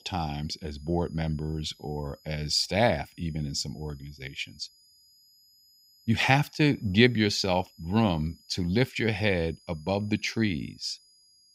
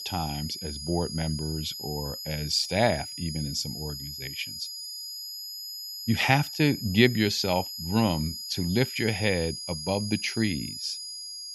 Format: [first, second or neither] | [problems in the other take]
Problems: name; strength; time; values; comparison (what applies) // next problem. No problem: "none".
first | high-pitched whine; loud; throughout; 5 kHz, 7 dB below the speech; faint in the first